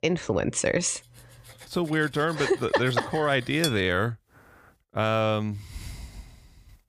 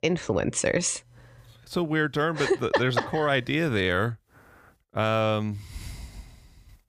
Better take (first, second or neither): second